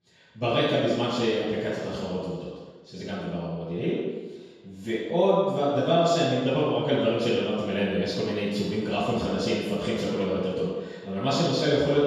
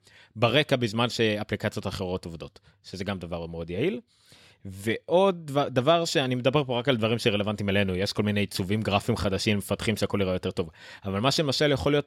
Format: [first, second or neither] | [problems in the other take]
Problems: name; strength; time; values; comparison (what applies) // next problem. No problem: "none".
second | room echo; strong; dies away in 1.2 s // off-mic speech; far